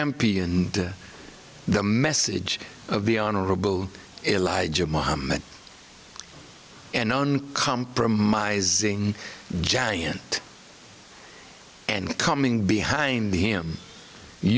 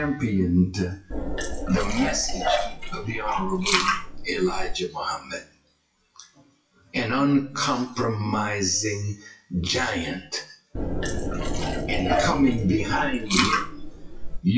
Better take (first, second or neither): first